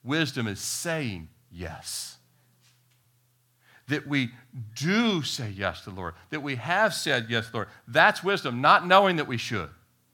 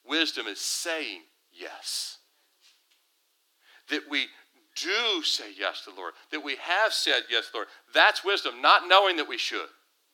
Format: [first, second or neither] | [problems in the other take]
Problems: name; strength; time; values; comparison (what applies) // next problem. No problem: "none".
first | thin; very; fading below 300 Hz